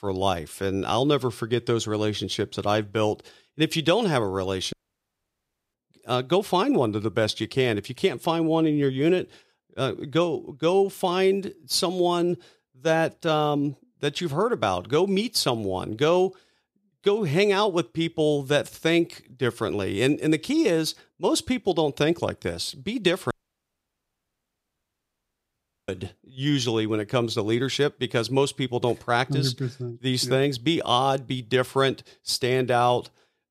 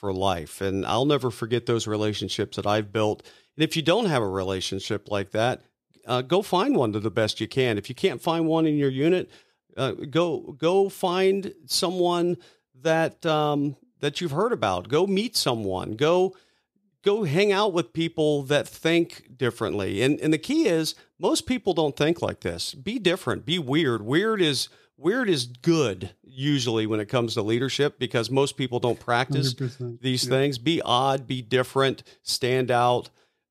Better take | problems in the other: second | audio cutting out; at 4.5 s for 1 s and at 23 s for 2.5 s

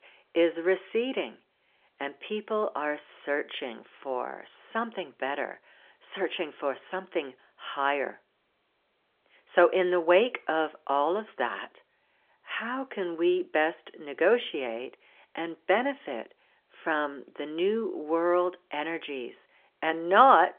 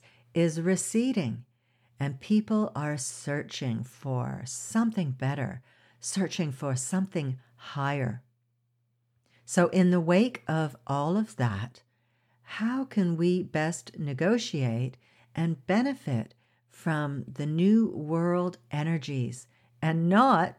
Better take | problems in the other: second | phone-call audio; nothing above 3.5 kHz

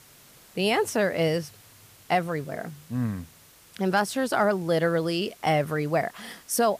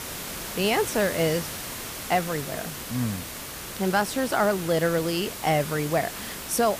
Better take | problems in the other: first | hiss; loud; throughout; 8 dB below the speech; faint in the first

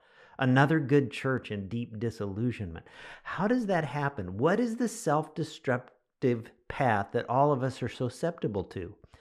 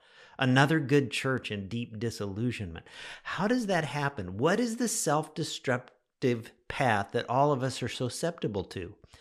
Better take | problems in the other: second | muffled; slightly; fading above 2.5 kHz

